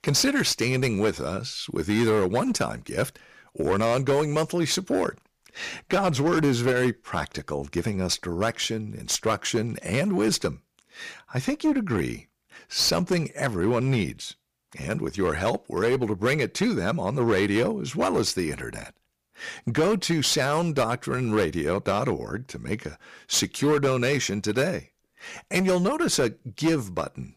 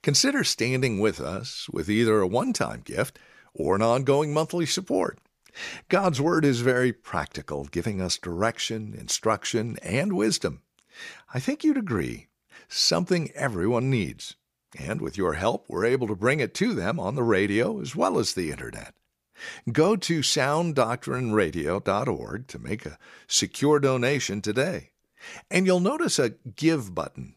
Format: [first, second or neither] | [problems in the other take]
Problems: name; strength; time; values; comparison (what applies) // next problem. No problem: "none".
second | distortion; slight; 8% of the sound clipped